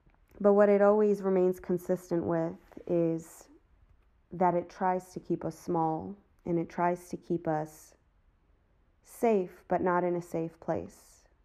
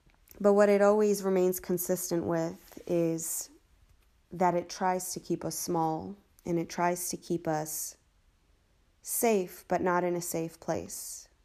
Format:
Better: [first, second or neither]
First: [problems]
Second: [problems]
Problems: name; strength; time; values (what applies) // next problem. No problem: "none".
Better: second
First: muffled; very; fading above 3 kHz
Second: none